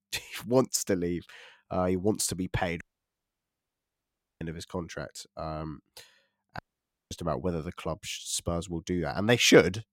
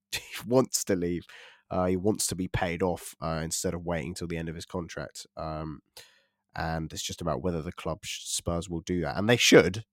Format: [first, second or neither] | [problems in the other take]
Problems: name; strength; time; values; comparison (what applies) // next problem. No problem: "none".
second | audio cutting out; at 3 s for 1.5 s and at 6.5 s for 0.5 s